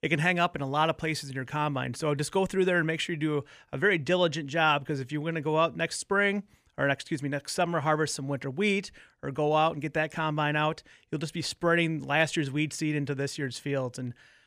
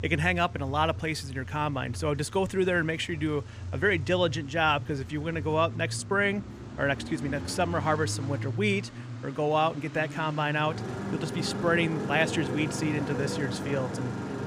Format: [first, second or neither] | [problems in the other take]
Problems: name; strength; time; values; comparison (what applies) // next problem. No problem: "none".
first | traffic noise; loud; throughout; 8 dB below the speech